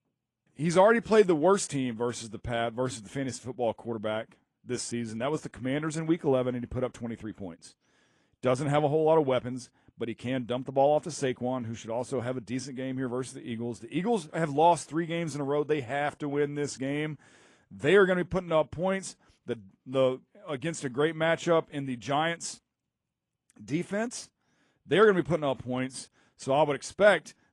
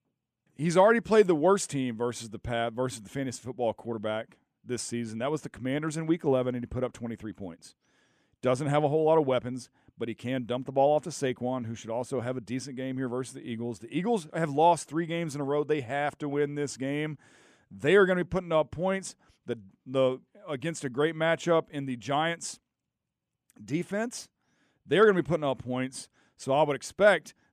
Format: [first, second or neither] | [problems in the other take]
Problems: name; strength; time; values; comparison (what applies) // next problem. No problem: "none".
second | garbled, watery; slightly